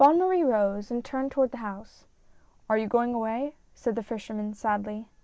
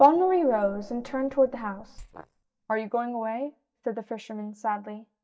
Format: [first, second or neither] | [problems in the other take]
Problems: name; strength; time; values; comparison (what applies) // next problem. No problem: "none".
first | noise reduction (neural mask model DeepFilterNet 3)